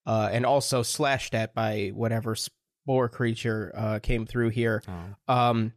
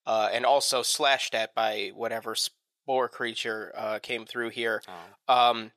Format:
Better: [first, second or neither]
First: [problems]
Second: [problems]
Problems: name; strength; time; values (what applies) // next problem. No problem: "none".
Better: first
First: none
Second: thin; very; fading below 550 Hz